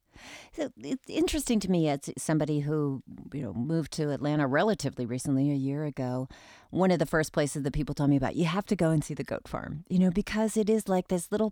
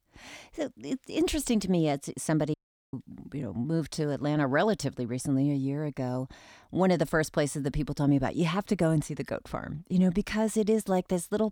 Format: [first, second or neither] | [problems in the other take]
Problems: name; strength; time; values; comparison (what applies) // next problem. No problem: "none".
first | audio cutting out; at 2.5 s